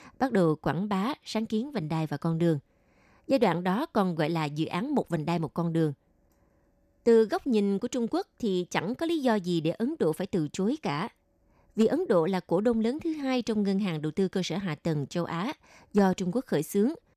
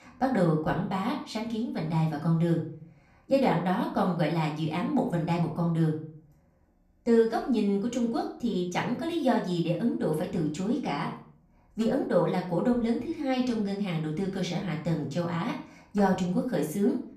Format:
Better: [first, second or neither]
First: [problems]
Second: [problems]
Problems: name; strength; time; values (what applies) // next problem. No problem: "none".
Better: first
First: none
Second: off-mic speech; far // room echo; slight; dies away in 0.4 s